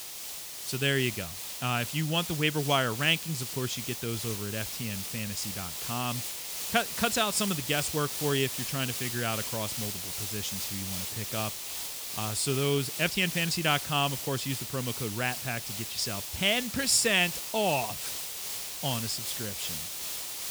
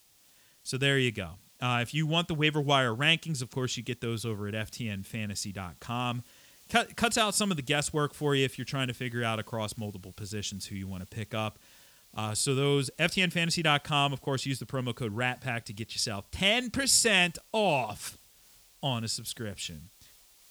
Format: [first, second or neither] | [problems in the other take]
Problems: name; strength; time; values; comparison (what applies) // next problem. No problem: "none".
second | hiss; loud; throughout; 4 dB below the speech; faint in the second